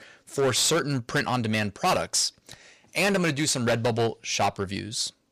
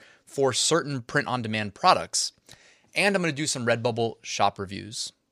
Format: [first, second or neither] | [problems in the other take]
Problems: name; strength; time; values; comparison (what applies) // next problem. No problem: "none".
second | distortion; heavy; 10% of the sound clipped